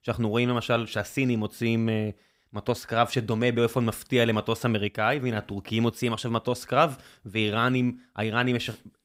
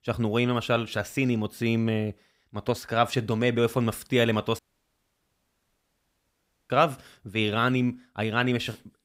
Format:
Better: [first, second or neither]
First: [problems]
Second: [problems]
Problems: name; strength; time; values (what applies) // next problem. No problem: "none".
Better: first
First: none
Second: audio cutting out; at 4.5 s for 2 s